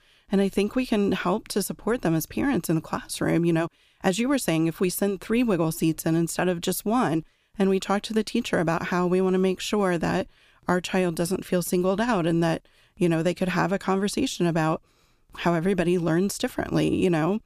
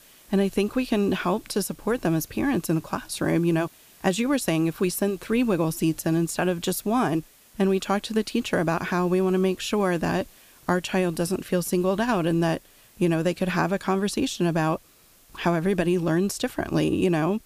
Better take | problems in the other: first | hiss; faint; throughout; 25 dB below the speech

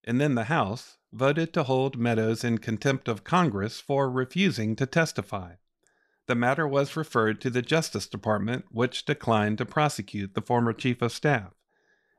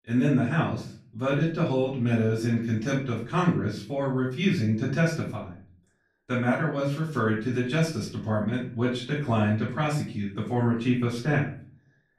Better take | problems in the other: first | off-mic speech; far // room echo; noticeable; dies away in 0.5 s

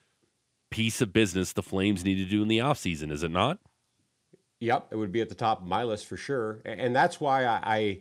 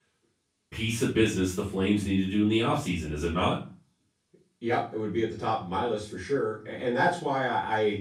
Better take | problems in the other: first | off-mic speech; far // room echo; noticeable; dies away in 0.3 s

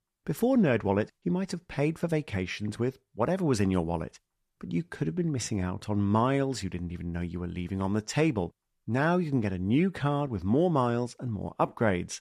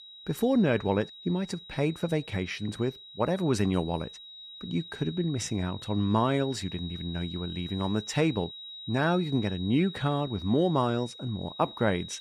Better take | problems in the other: first | high-pitched whine; noticeable; throughout; 4 kHz, 15 dB below the speech

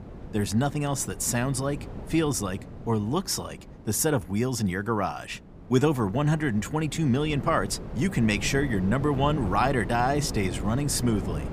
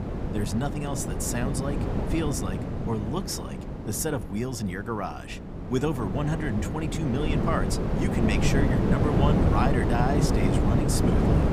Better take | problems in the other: first | wind noise on the microphone; heavy; as loud as the speech; occasional gusts in the first

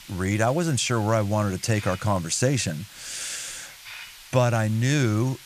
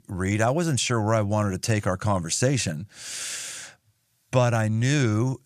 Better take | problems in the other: second | hiss; noticeable; throughout; 20 dB below the speech

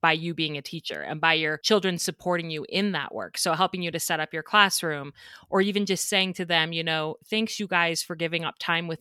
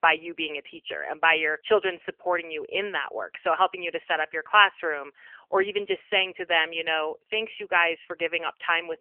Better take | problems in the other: first | phone-call audio; nothing above 3 kHz

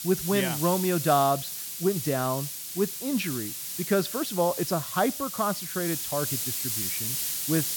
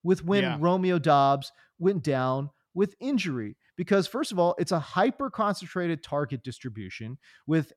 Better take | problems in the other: second | hiss; loud; throughout; 3 dB below the speech

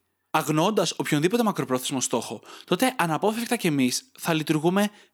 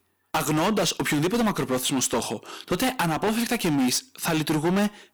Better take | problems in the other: first | distortion; heavy; 19% of the sound clipped

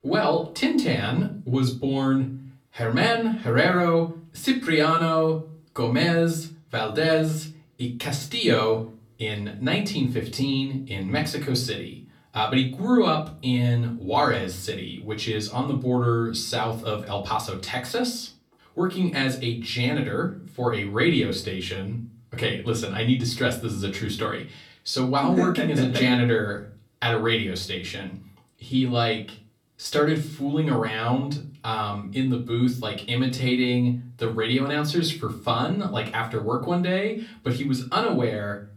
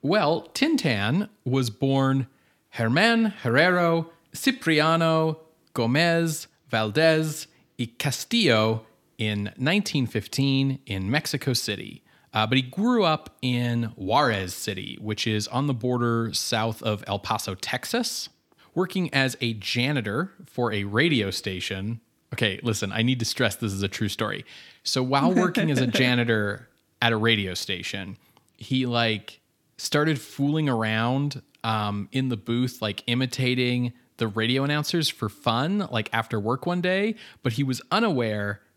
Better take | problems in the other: second | off-mic speech; far // room echo; very slight; dies away in 0.3 s

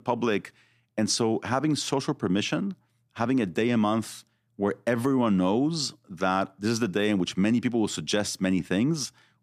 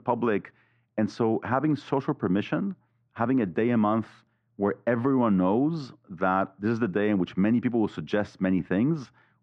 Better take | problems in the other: first | muffled; very; fading above 1.5 kHz

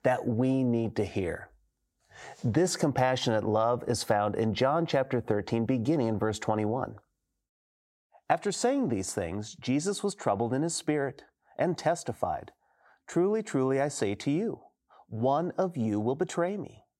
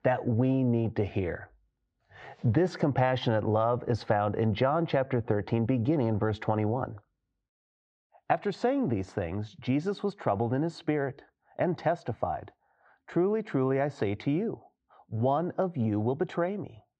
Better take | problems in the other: first | muffled; slightly; fading above 3.5 kHz

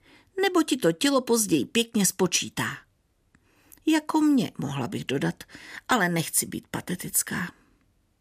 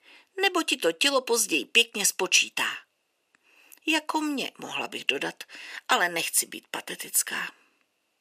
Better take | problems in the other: first | thin; somewhat; fading below 500 Hz

